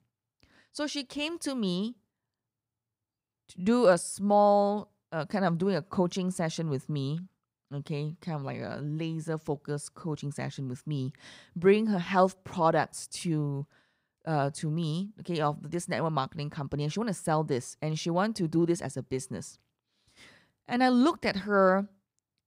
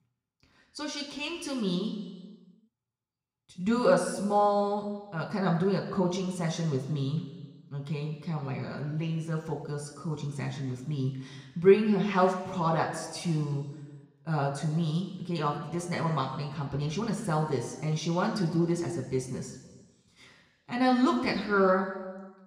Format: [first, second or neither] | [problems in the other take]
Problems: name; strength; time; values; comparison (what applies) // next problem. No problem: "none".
first | room echo; slight; dies away in 1.3 s // off-mic speech; somewhat distant